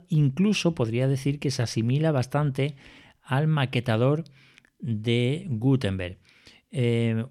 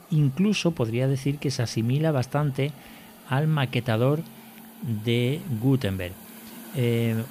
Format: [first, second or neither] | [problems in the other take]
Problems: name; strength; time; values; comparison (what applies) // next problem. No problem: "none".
first | hiss; faint; throughout; 20 dB below the speech